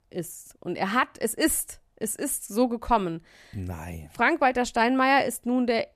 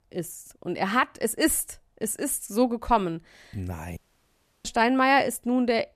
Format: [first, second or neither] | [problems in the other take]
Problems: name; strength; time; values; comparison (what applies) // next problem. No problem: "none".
first | audio cutting out; at 4 s for 0.5 s